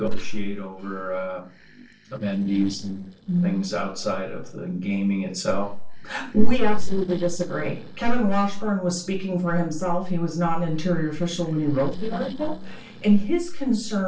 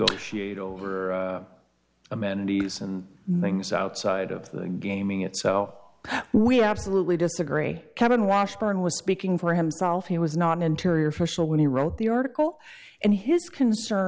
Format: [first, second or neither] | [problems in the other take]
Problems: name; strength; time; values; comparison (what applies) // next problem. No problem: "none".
second | noise reduction (neural separator model SepFormer DNS4)